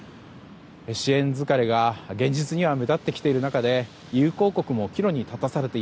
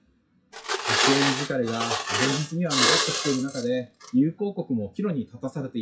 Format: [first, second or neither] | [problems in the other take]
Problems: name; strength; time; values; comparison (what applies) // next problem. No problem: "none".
first | noise reduction (classical method WPE with log-MMSE)